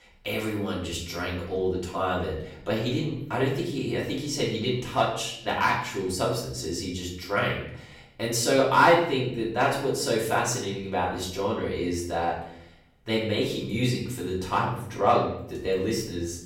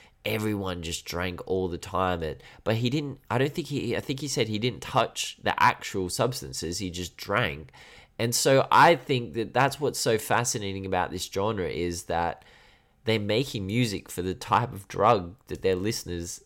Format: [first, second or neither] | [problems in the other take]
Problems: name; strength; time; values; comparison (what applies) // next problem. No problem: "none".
second | off-mic speech; far // room echo; noticeable; dies away in 0.6 s